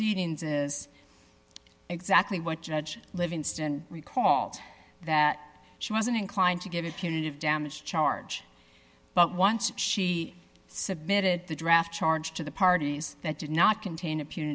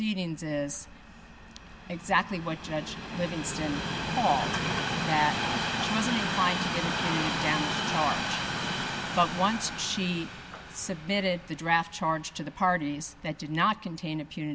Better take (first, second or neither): first